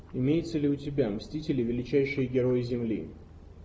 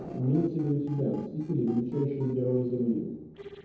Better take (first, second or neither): first